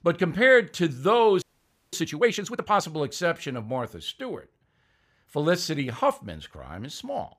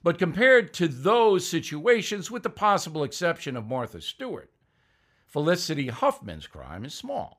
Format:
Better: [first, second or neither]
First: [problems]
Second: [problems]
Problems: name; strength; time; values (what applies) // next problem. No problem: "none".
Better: second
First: audio freezing; at 1.5 s for 0.5 s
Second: none